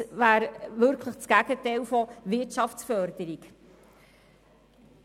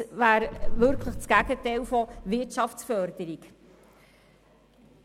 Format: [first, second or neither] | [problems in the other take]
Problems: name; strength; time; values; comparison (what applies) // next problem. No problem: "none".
first | background sound (Car); 2 dB below the speech